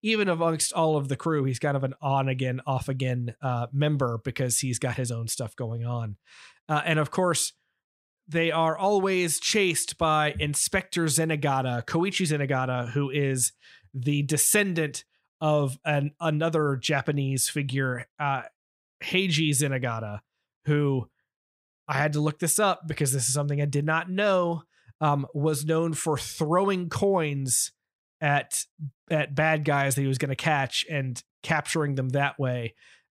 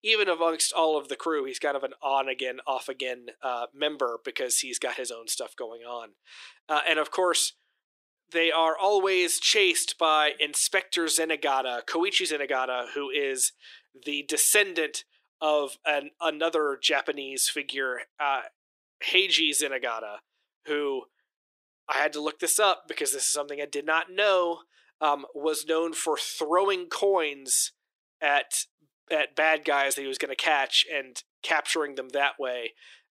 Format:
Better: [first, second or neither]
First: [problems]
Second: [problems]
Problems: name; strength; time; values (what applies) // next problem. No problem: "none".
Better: first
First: none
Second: thin; very; fading below 350 Hz